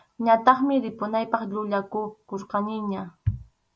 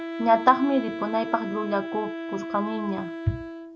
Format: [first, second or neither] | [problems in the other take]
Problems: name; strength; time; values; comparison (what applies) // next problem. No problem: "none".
first | background sound (Wind instrument, woodwind instrument); 8 dB below the speech